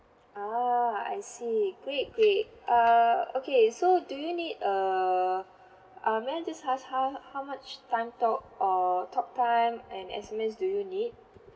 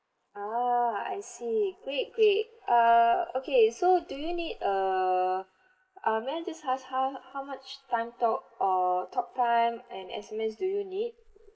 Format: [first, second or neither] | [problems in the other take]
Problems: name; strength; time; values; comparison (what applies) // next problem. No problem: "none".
first | noise reduction (neural mask model Resemble Enhance denoiser)